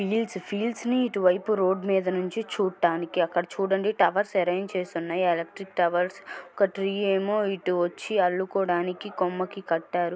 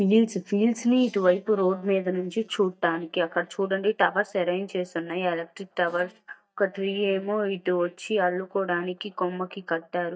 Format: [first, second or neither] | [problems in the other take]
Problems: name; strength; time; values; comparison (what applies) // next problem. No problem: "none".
first | noise reduction (neural mask model DeepFilterNet 3)